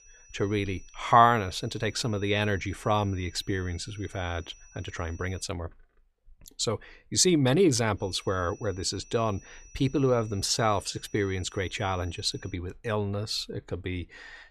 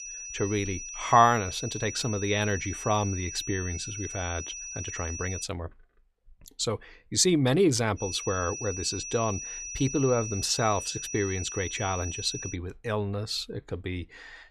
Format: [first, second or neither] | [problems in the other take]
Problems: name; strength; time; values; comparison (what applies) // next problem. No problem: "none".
first | high-pitched whine; loud; until 5.5 s and from 8 to 13 s; 6 kHz, 8 dB below the speech; faint in the first